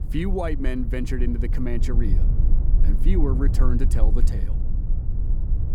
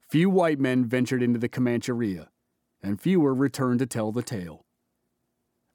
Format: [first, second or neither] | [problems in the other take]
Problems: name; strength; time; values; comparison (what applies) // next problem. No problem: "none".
second | low rumble; loud; throughout; 9 dB below the speech